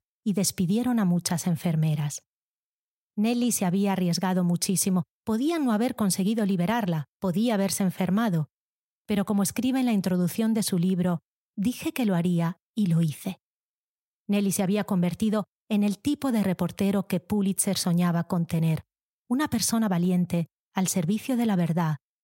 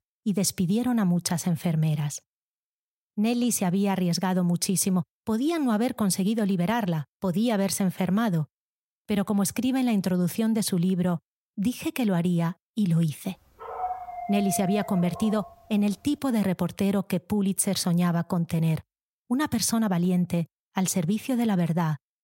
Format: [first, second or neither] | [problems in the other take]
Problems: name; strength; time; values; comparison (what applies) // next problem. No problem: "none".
first | dog barking; noticeable; from 14 to 15 s; peak 7 dB below the speech